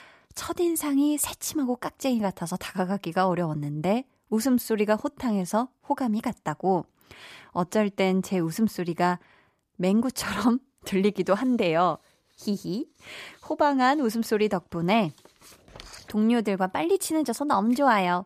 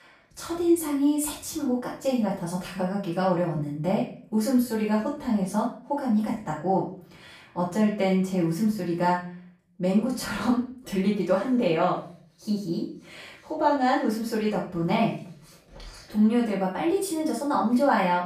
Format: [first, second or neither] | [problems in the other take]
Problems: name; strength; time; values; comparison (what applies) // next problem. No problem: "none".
first | off-mic speech; far // room echo; noticeable; dies away in 0.4 s